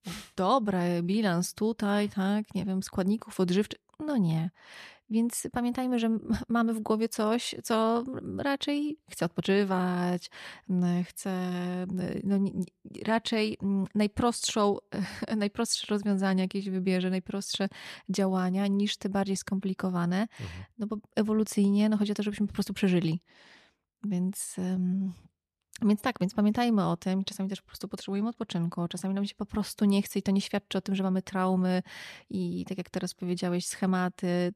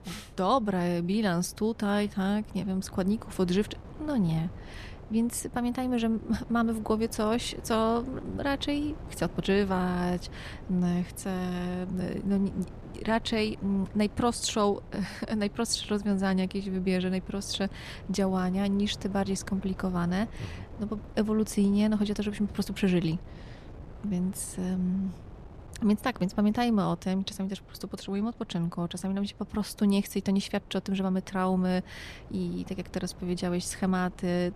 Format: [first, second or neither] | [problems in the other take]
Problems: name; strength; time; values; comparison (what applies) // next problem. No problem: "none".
first | wind noise on the microphone; occasional gusts; 20 dB below the speech